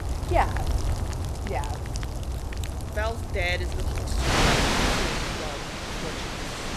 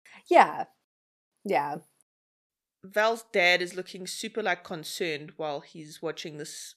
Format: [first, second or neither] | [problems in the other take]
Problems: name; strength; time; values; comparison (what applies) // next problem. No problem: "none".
second | rain or running water; very loud; throughout; 5 dB above the speech